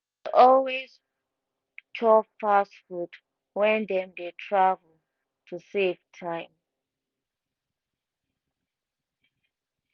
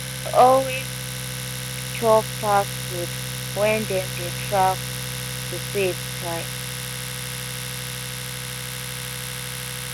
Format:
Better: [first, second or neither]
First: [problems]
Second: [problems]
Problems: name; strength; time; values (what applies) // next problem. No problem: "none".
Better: first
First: none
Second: background sound (Domestic sounds, home sounds); 4 dB below the speech